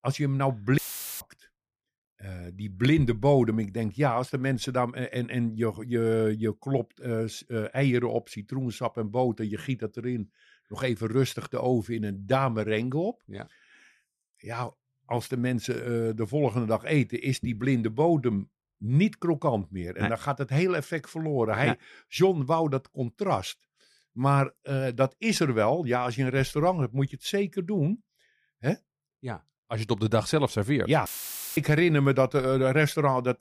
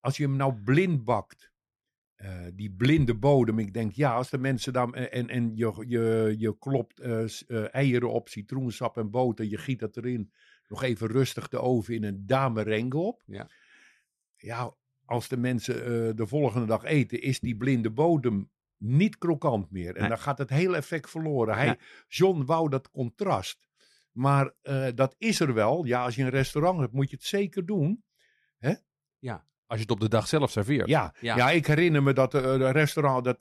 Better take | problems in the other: second | audio cutting out; filled with static; at 1 s and at 31 s for 0.5 s

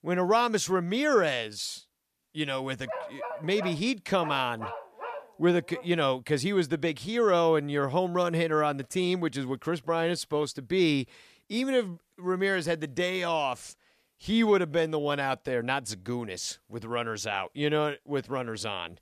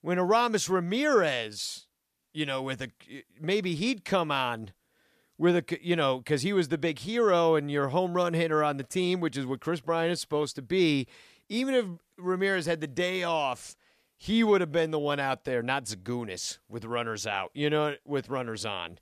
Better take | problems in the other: second | dog barking; noticeable; from 3 to 6 s; peak 8 dB below the speech

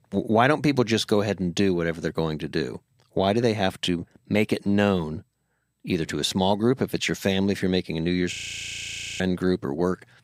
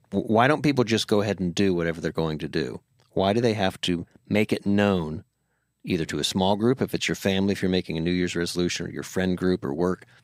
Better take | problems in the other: second | audio freezing; at 8.5 s for 1 s

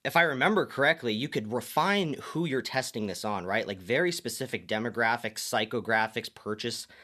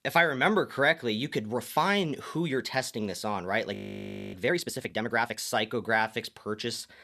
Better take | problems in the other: first | audio freezing; at 3.5 s for 0.5 s

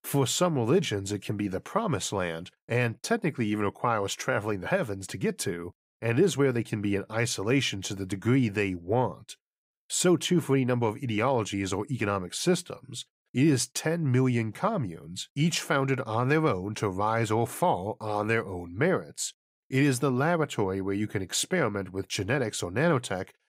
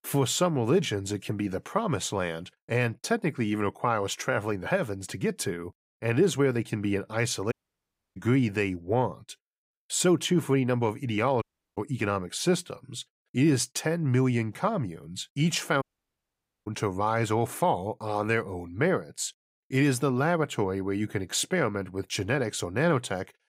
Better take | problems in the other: first | audio cutting out; at 7.5 s for 0.5 s, at 11 s and at 16 s for 1 s

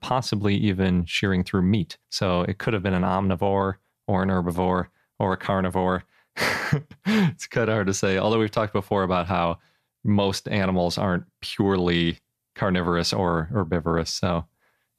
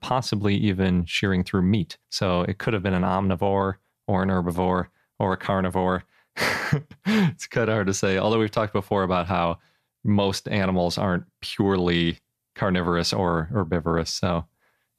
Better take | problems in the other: neither | none

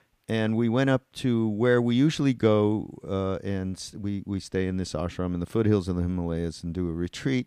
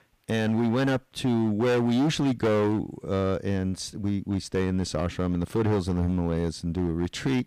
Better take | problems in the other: first | distortion; heavy; 14% of the sound clipped

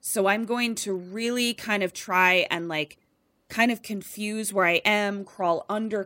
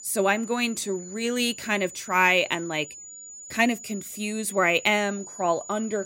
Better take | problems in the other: first | high-pitched whine; noticeable; throughout; 7 kHz, 15 dB below the speech

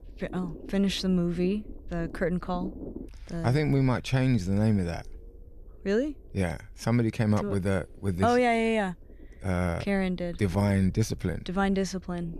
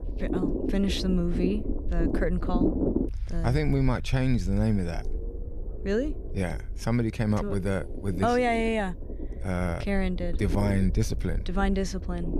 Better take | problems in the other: first | low rumble; loud; throughout; 6 dB below the speech; faint in the first

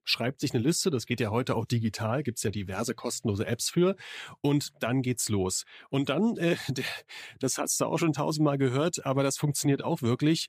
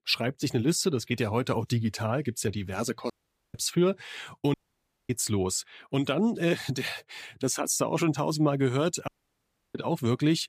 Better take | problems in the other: first | audio cutting out; at 3 s, at 4.5 s for 0.5 s and at 9 s for 0.5 s

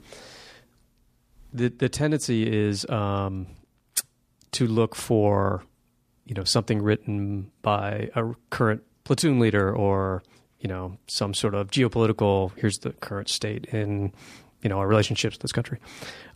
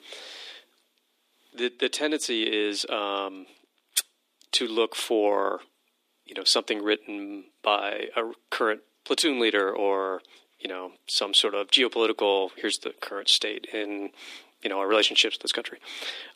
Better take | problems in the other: first | thin; somewhat; fading below 300 Hz

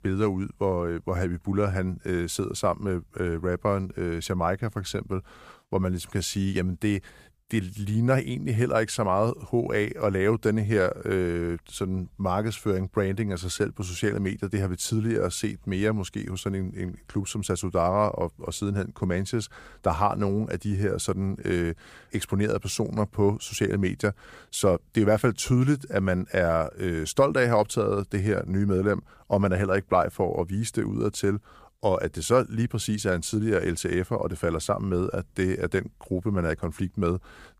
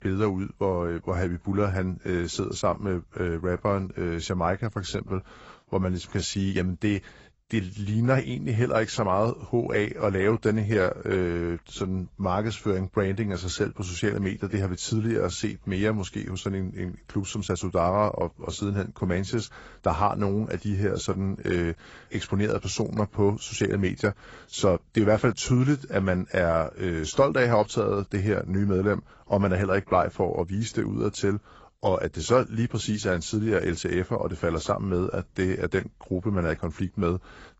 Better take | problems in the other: first | garbled, watery; badly; nothing above 7.5 kHz

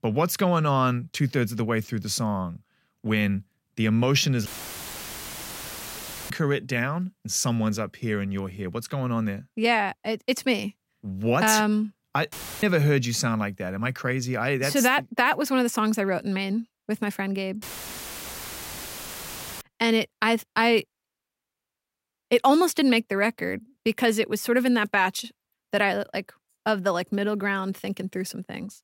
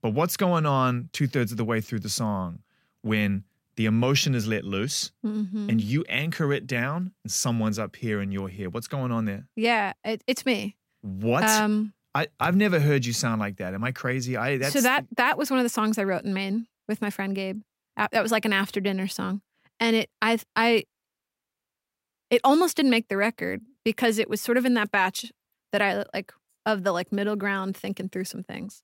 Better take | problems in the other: second | audio cutting out; filled with static; at 4.5 s for 2 s, at 12 s and at 18 s for 2 s

